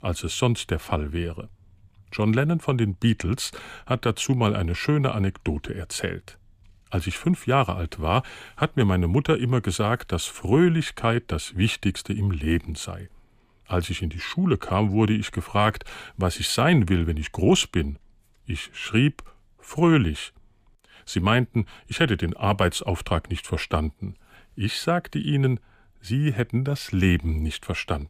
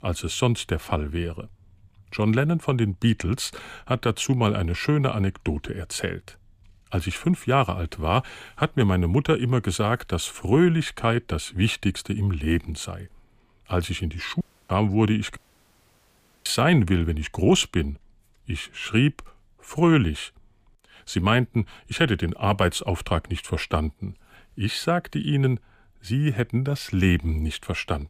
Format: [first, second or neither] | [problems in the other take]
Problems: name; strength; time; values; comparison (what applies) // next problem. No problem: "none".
first | audio cutting out; at 14 s and at 15 s for 1 s